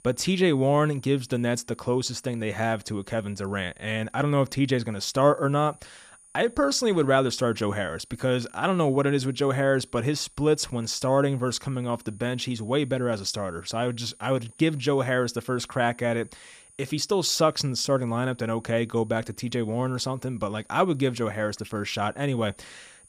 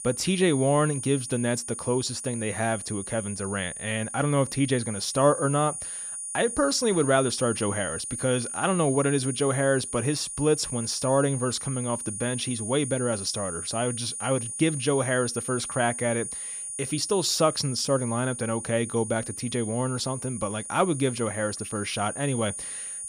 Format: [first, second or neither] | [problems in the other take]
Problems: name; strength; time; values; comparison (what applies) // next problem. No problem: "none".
first | high-pitched whine; loud; throughout; 9.5 kHz, 6 dB below the speech; faint in the first